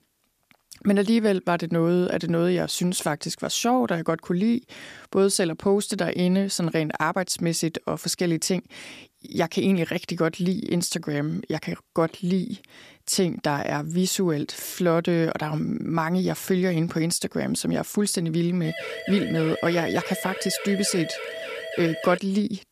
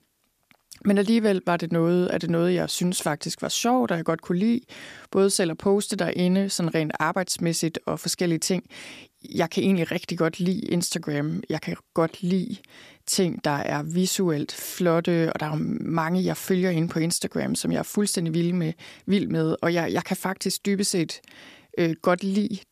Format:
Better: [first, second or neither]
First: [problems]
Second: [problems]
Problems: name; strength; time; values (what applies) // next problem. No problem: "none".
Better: second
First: siren; noticeable; from 19 to 22 s; peak 8 dB below the speech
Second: none